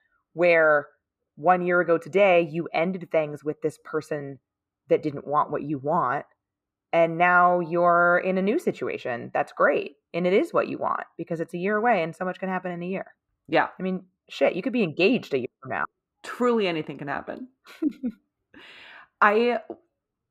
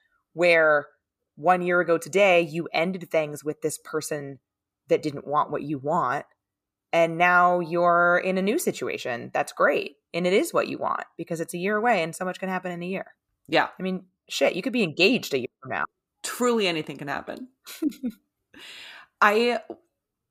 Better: second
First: muffled; slightly; fading above 4 kHz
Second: none

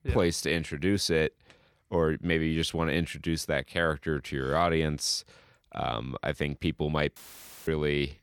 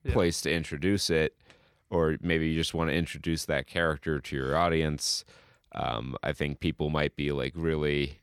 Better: second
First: audio cutting out; filled with static; at 7 s for 0.5 s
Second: none

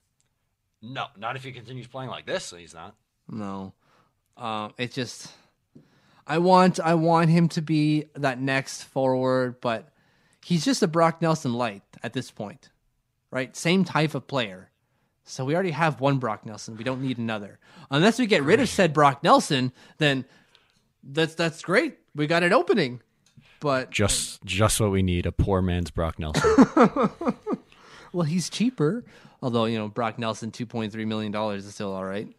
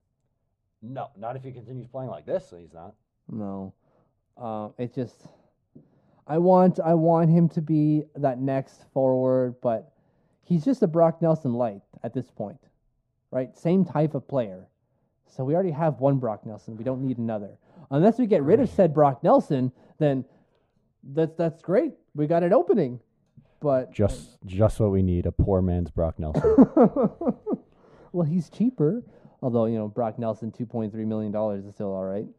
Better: first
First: none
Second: muffled; very; fading above 1 kHz

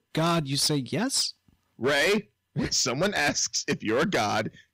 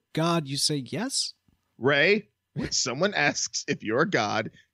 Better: second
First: distortion; heavy; 11% of the sound clipped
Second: none

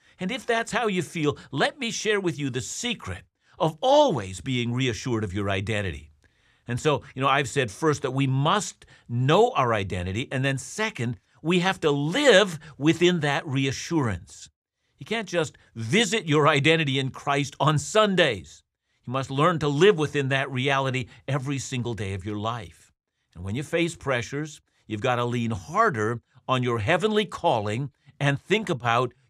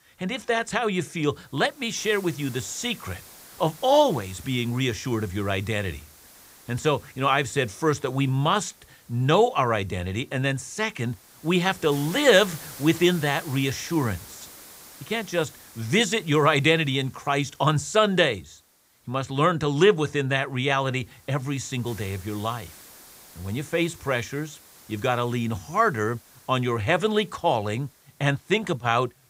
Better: first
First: none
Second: hiss; faint; throughout; 20 dB below the speech

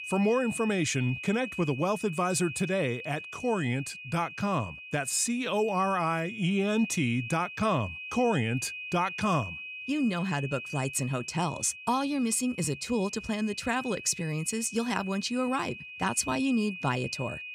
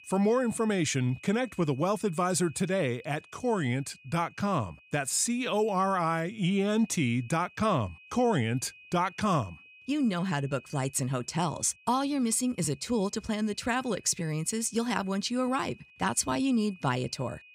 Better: second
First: high-pitched whine; loud; throughout; 2.5 kHz, 10 dB below the speech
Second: high-pitched whine; faint; throughout; 2.5 kHz, 25 dB below the speech

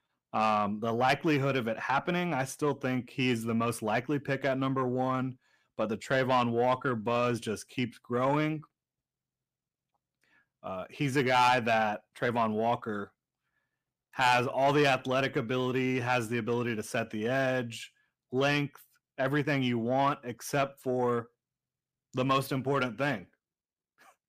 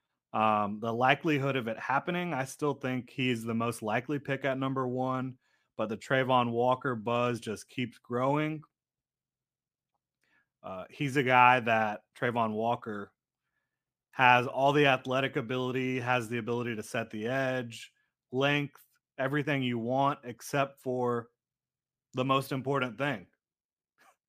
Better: second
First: distortion; slight; 10 dB below the speech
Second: none

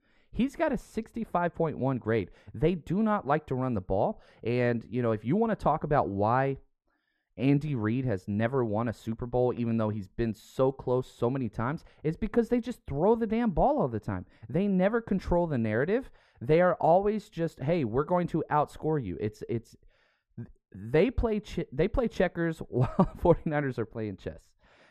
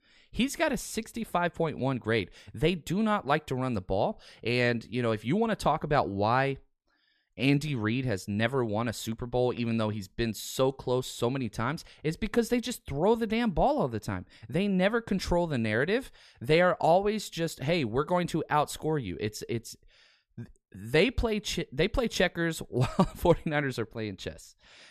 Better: second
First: muffled; very; fading above 2 kHz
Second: none

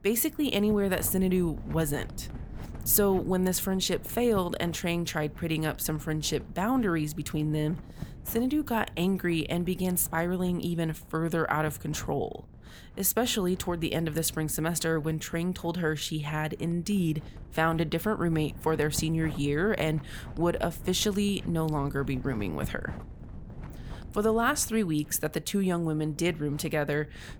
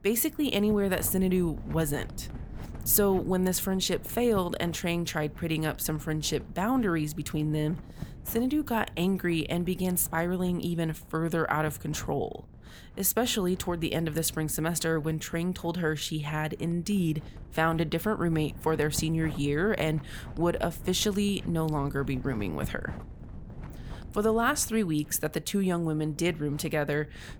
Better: neither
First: wind noise on the microphone; occasional gusts; 20 dB below the speech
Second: wind noise on the microphone; occasional gusts; 20 dB below the speech

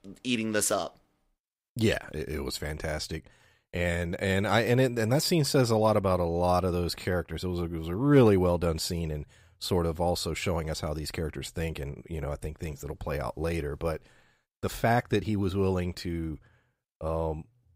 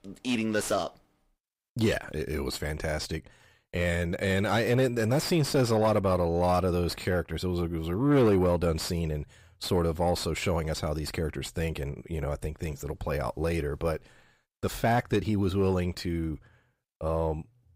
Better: first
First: none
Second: distortion; slight; 10 dB below the speech

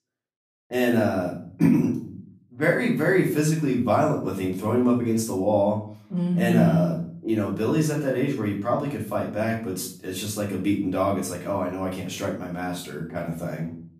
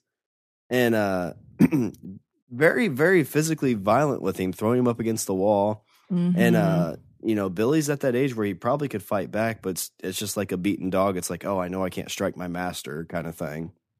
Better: second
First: room echo; slight; dies away in 0.4 s // off-mic speech; far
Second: none

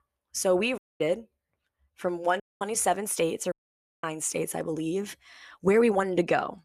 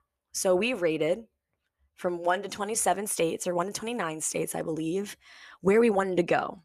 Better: second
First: audio cutting out; at 1 s, at 2.5 s and at 3.5 s for 0.5 s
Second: none

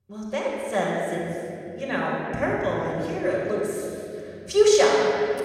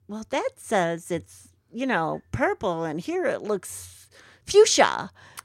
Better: second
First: room echo; strong; dies away in 2.9 s // off-mic speech; far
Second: none

